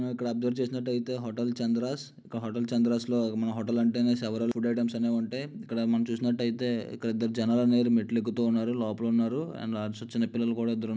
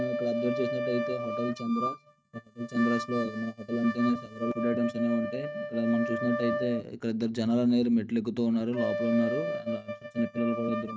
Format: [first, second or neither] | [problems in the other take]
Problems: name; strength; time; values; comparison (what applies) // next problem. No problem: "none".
first | noise reduction (neural mask model RNNoise)